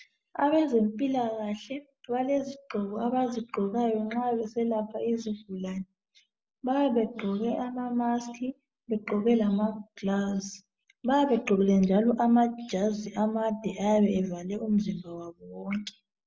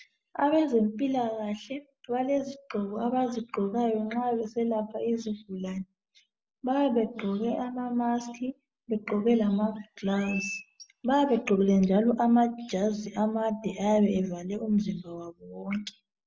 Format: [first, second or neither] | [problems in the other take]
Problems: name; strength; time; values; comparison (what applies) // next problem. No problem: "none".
first | background sound (Chirp, tweet); 13 dB below the speech